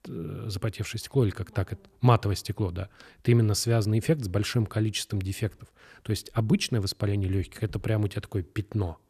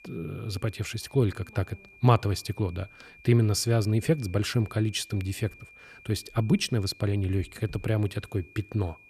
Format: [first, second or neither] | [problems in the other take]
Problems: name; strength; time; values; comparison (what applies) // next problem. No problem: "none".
first | high-pitched whine; faint; throughout; 2.5 kHz, 25 dB below the speech